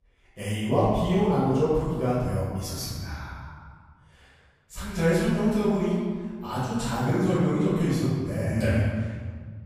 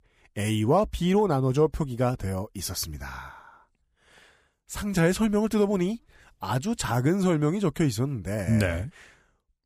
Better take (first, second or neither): second